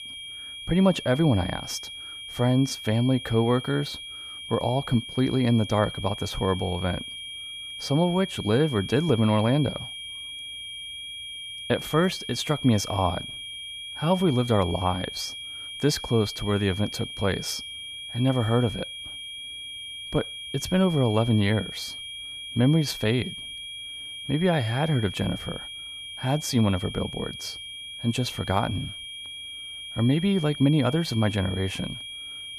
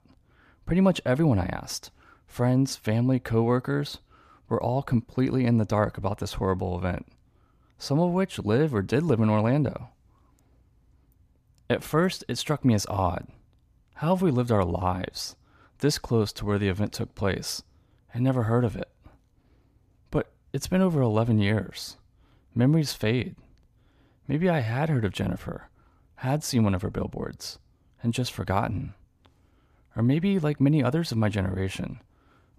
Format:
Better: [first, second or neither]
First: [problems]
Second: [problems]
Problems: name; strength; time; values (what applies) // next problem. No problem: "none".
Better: second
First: high-pitched whine; loud; throughout; 3.5 kHz, 10 dB below the speech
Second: none